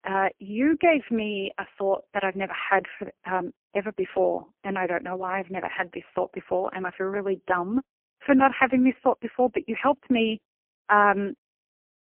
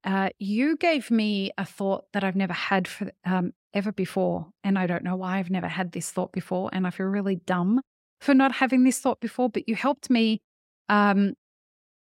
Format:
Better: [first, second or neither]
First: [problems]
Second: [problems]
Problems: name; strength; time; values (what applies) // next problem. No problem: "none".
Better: second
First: phone-call audio; poor line; nothing above 3 kHz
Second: none